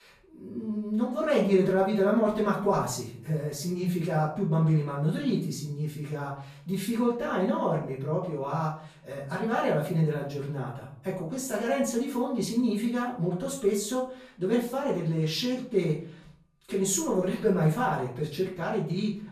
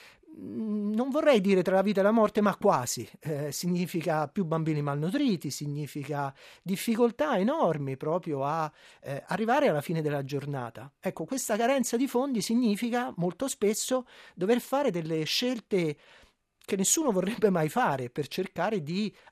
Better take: second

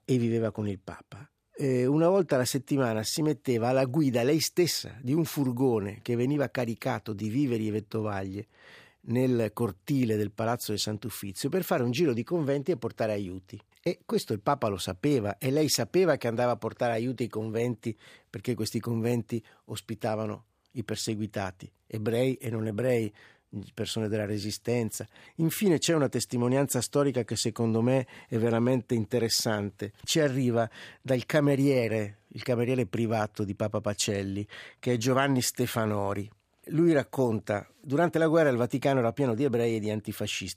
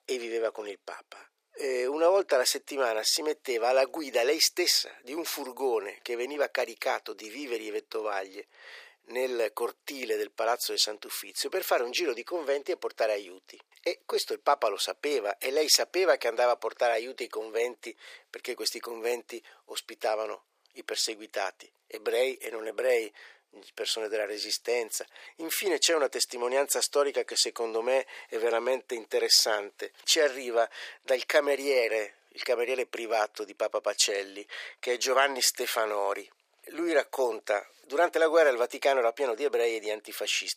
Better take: first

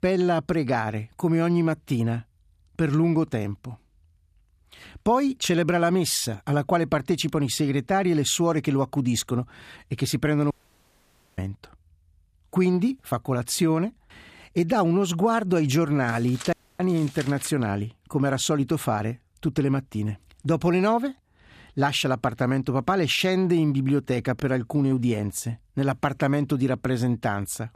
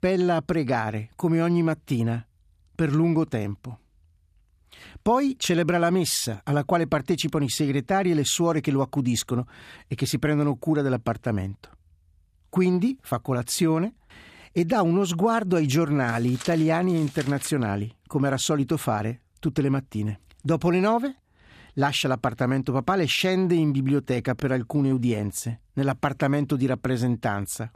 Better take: second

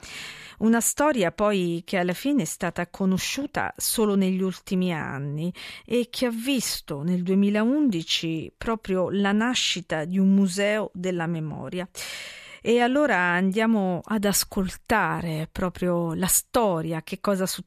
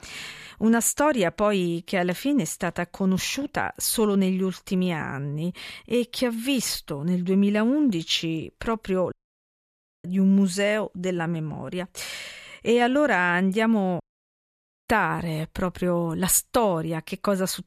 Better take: first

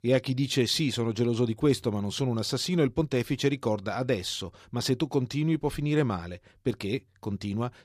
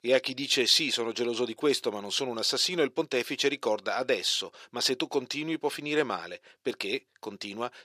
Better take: first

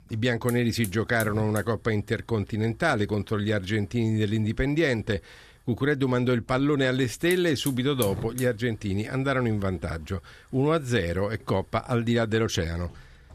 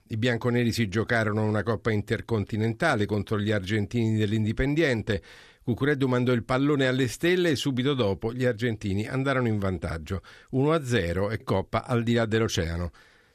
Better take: second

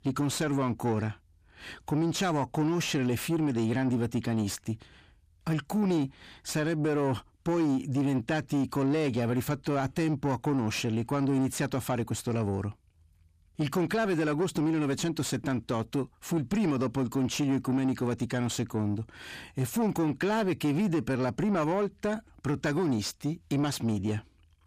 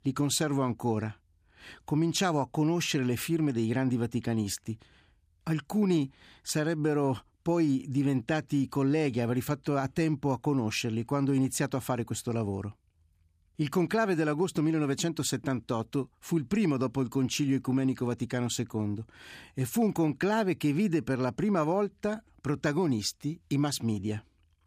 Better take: second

